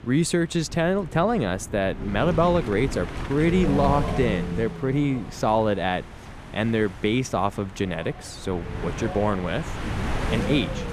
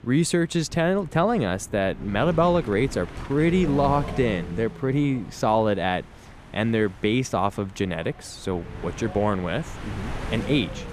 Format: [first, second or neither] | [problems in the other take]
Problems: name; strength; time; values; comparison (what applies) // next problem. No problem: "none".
second | wind noise on the microphone; heavy; 9 dB below the speech; occasional gusts in the second